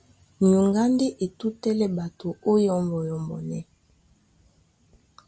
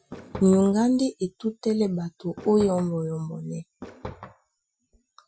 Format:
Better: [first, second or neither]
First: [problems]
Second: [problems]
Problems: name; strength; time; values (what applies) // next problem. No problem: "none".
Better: first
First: none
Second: noise reduction (classical method Wiener filter)